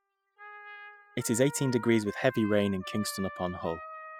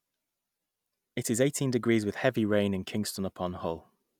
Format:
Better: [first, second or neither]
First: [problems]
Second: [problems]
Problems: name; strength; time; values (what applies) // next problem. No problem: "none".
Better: second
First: noise reduction (classical method spectral subtraction)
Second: none